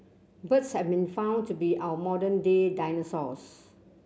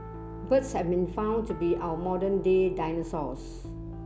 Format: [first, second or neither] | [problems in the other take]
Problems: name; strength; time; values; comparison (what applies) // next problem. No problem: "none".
first | background sound (Piano); 11 dB below the speech